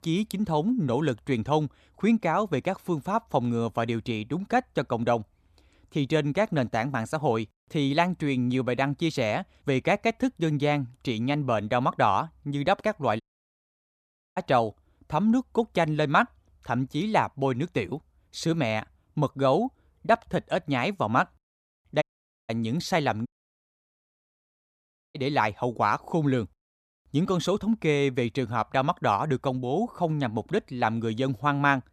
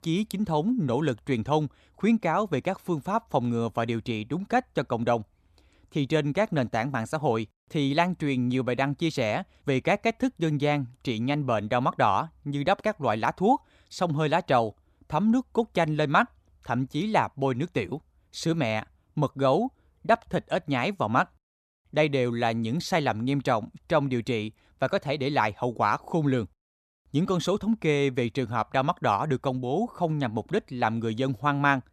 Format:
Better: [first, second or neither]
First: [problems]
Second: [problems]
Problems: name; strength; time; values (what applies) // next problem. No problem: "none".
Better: second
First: audio cutting out; at 13 s for 1 s, at 22 s and at 23 s for 2 s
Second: none